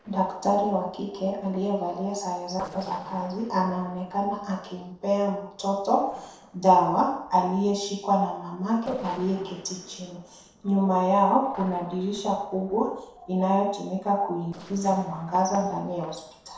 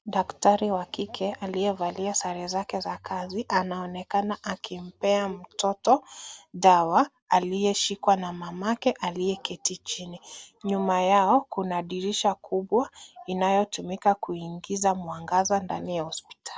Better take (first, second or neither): second